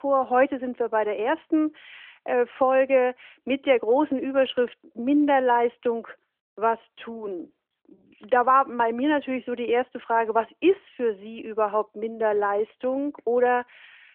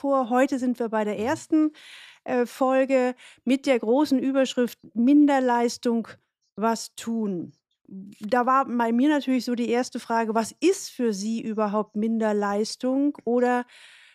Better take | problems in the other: second | phone-call audio; nothing above 3 kHz

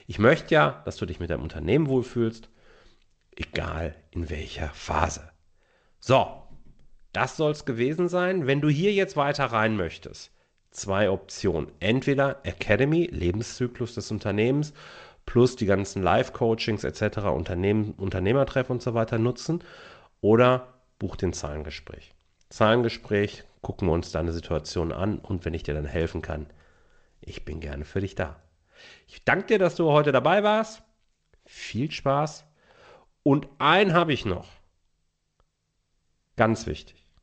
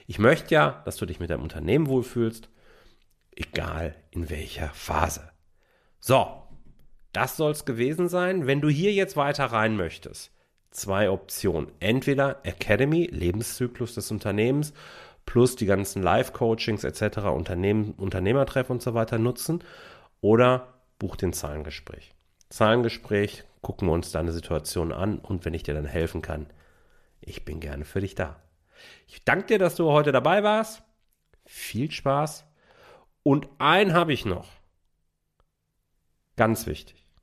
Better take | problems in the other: second | garbled, watery; slightly; nothing above 7.5 kHz

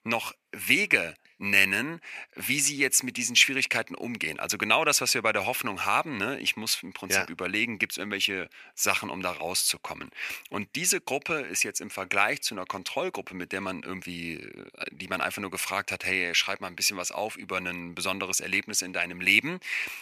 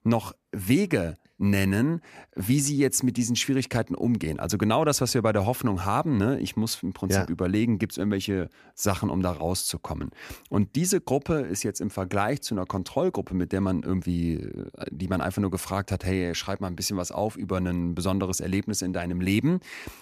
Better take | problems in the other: second | thin; somewhat; fading below 1 kHz

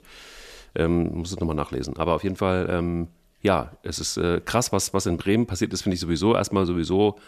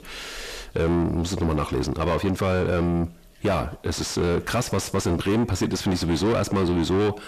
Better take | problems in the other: first | distortion; heavy; 5 dB below the speech

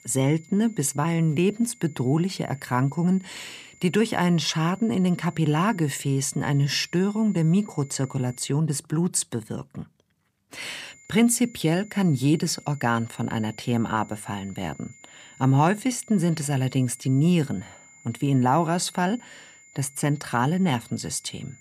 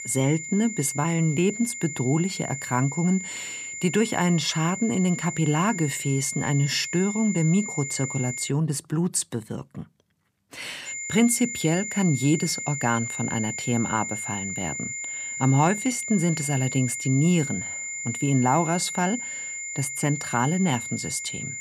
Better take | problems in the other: first | high-pitched whine; loud; until 8.5 s and from 11 s on; 2 kHz, 6 dB below the speech; faint in the first

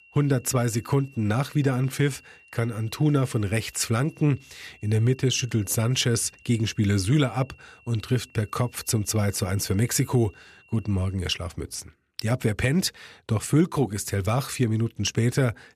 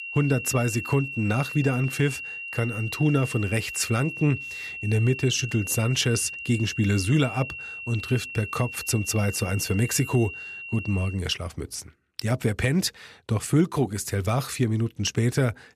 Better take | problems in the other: first | high-pitched whine; loud; until 11 s; 2.5 kHz, 8 dB below the speech; faint in the first

